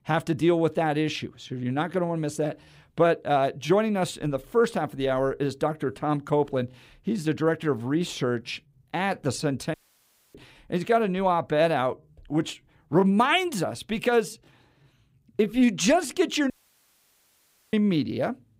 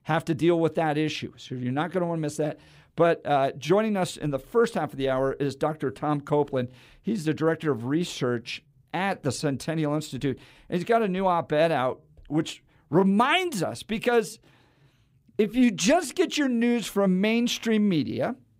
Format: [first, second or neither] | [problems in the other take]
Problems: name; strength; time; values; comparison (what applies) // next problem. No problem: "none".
second | audio cutting out; at 9.5 s for 0.5 s and at 17 s for 1 s